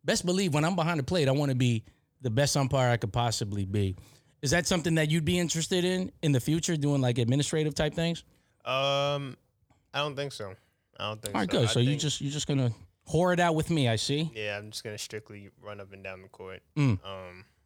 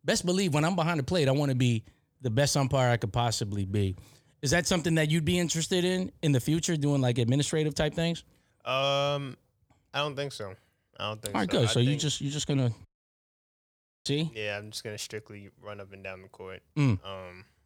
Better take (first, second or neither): first